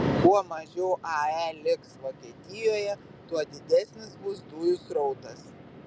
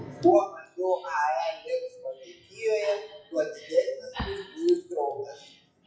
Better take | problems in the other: first | noise reduction (classical method WPE with log-MMSE)

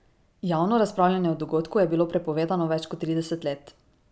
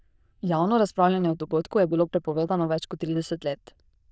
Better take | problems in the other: first | noise reduction (neural diffusion model UNIVERSE++)

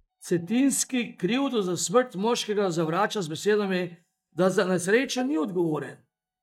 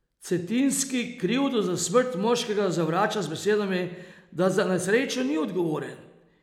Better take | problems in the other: second | noise reduction (neural mask model DeepFilterNet 3)

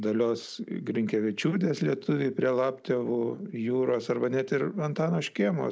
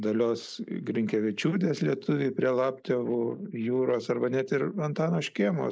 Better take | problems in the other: first | noise reduction (neural mask model Resemble Enhance denoiser)

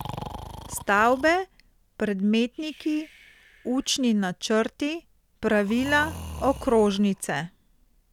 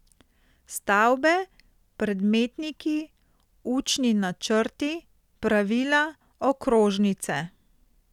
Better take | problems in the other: second | background sound (Breathing); 16 dB below the speech

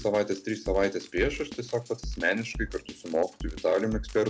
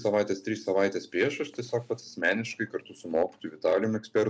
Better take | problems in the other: second | background sound (Drum kit); 11 dB below the speech

